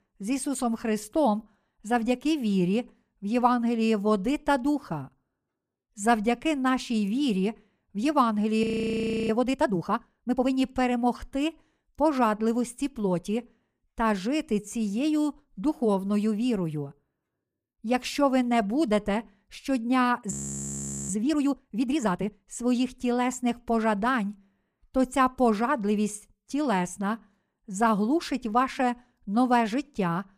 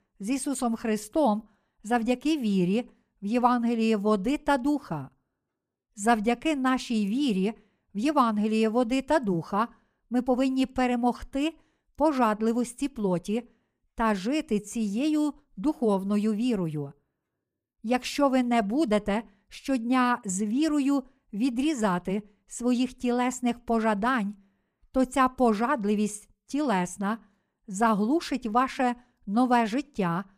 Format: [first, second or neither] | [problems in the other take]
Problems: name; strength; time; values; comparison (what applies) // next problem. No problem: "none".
second | audio freezing; at 8.5 s for 0.5 s and at 20 s for 1 s